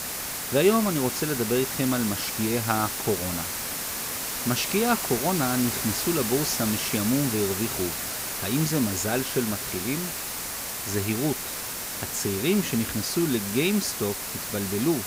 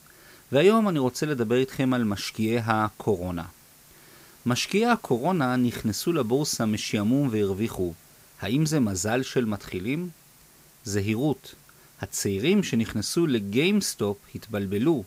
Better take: second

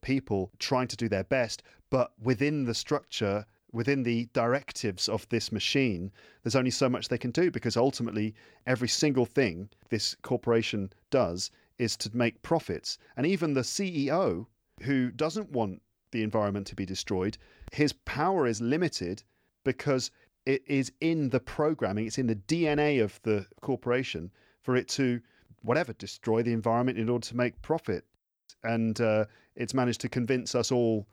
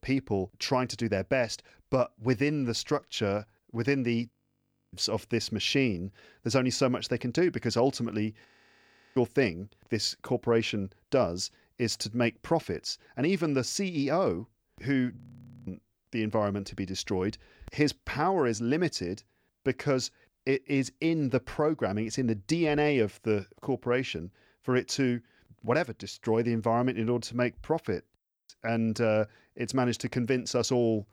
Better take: first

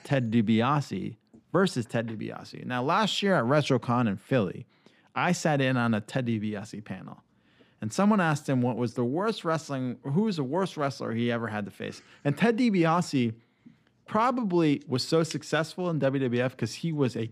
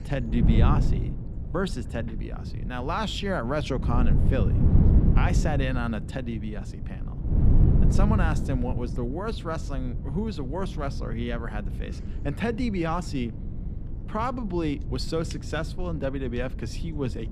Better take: first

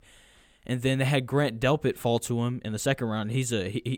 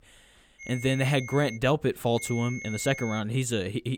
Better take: first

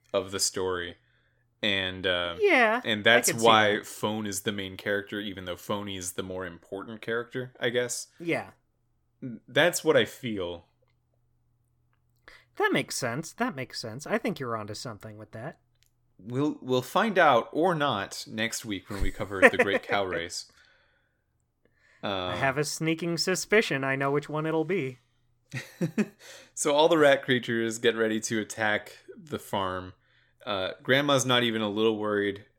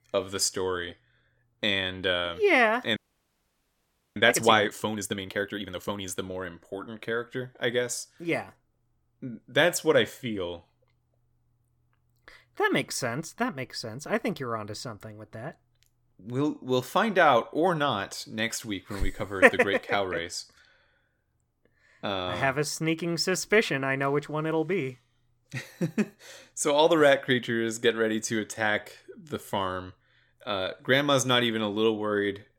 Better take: first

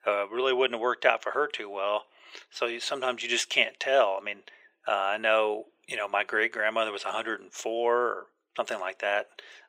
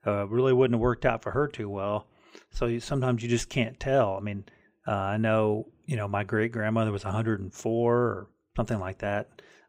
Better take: second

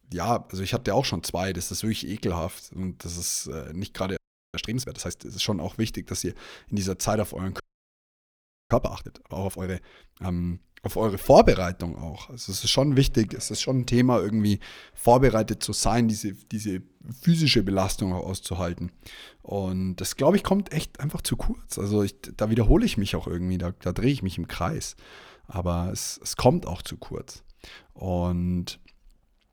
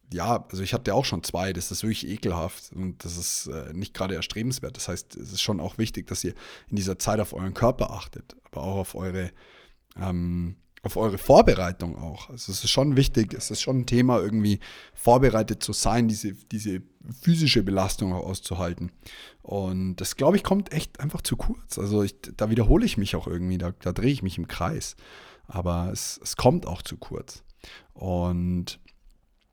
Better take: second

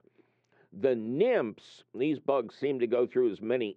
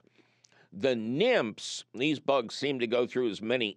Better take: second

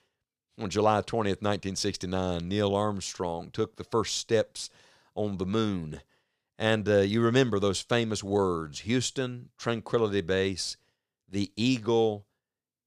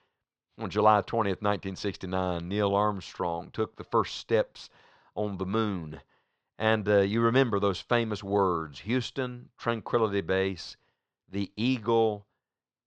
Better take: first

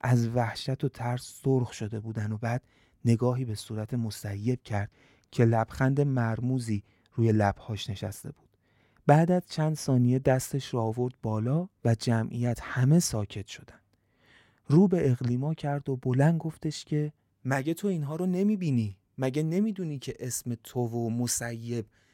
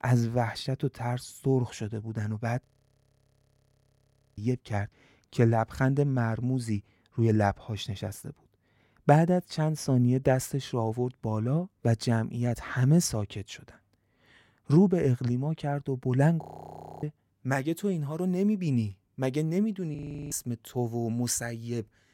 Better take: first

